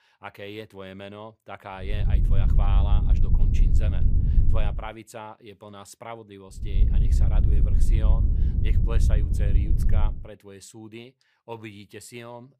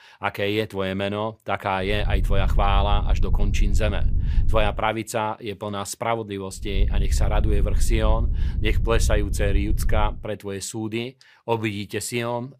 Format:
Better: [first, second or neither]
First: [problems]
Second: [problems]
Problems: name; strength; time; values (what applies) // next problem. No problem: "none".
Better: second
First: wind noise on the microphone; heavy; from 2 to 4.5 s and from 6.5 to 10 s; 1 dB below the speech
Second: wind noise on the microphone; occasional gusts; from 2 to 4.5 s and from 6.5 to 10 s; 15 dB below the speech